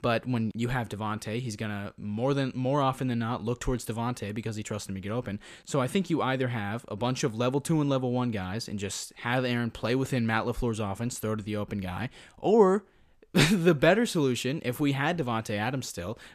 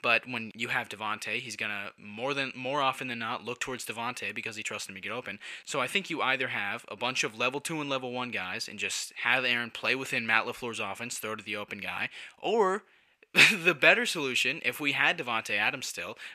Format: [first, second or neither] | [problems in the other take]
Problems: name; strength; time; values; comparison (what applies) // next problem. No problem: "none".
first | thin; somewhat; fading below 800 Hz